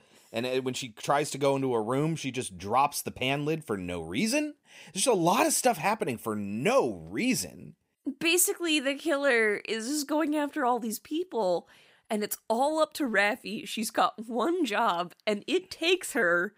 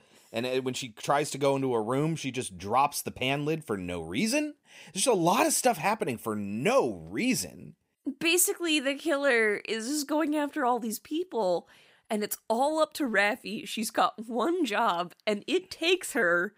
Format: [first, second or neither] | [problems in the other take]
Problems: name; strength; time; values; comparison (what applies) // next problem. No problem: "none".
neither | none